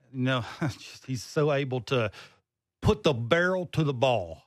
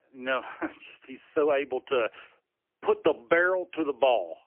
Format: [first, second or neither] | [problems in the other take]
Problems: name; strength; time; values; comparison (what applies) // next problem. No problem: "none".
first | phone-call audio; poor line; nothing above 3 kHz